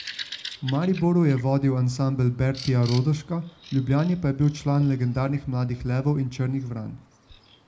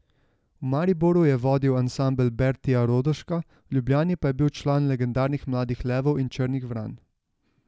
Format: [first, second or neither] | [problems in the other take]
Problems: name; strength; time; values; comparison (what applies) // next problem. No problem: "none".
second | background sound (Bird vocalization, bird call, bird song); 19 dB below the speech // room echo; dies away in 0.2 s